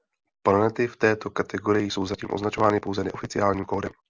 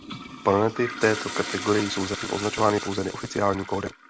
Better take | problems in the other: first | background sound (Toilet flush); 10 dB below the speech

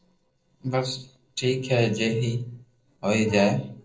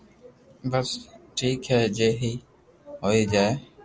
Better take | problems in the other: second | noise reduction (neural separator model SepFormer DNS4)

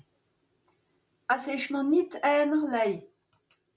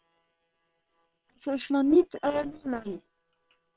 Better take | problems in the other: first | noise reduction (neural separator model SepFormer WHAM!)

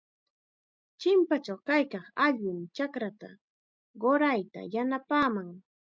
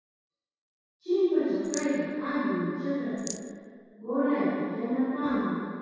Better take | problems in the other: first | background sound (Rattle); 14 dB below the speech // room echo; dies away in 2 s

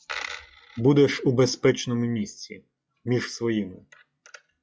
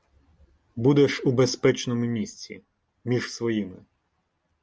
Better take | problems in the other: second | noise reduction (classical method log-MMSE)

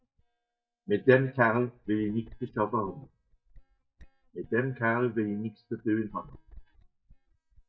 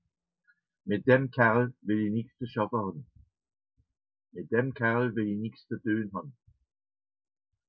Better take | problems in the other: second | noise reduction (neural mask model DeepFilterNet 3)

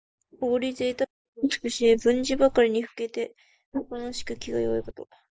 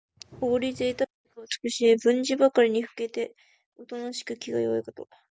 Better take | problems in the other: second | noise reduction (neural mask model Resemble Enhance denoiser)

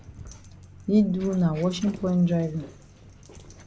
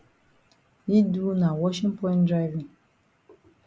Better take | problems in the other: second | background sound (Dog + Drum); 18 dB below the speech

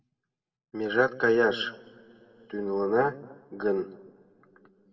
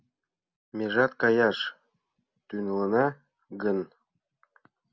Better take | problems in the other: second | room echo; dies away in 1.2 s

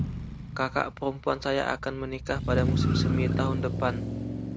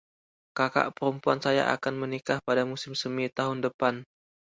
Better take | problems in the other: second | background sound (Motor vehicle (road)); 2 dB above the speech

